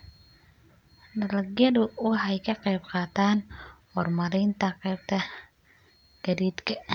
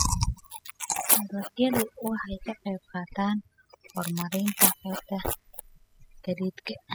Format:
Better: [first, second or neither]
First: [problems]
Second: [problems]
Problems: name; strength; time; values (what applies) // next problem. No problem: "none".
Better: first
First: none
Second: noise reduction (classical method spectral subtraction)